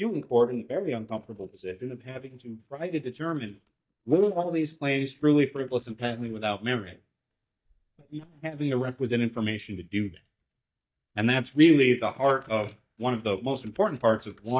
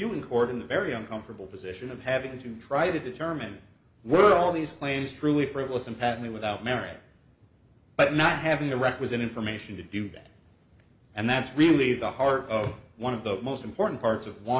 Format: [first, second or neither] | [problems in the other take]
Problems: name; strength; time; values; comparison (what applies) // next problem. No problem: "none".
second | noise reduction (neural mask model DeepFilterNet 3)